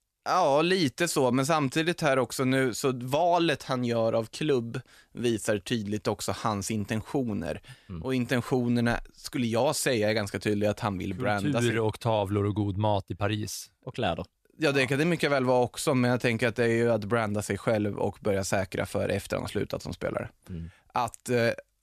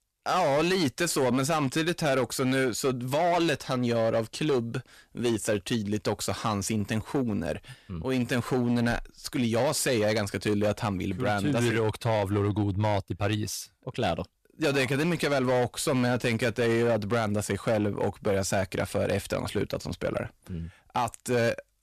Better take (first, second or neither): first